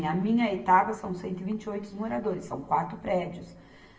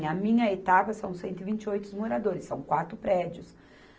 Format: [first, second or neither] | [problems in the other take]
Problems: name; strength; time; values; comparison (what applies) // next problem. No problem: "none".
second | room echo; dies away in 0.9 s